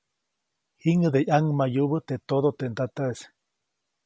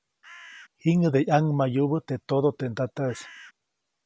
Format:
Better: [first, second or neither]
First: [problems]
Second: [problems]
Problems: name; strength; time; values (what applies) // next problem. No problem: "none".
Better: first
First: none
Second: background sound (Bird); 20 dB below the speech